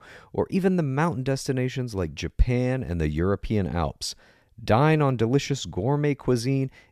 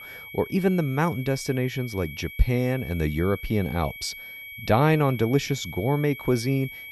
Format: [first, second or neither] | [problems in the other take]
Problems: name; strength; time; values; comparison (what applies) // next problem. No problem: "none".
first | high-pitched whine; noticeable; throughout; 2.5 kHz, 15 dB below the speech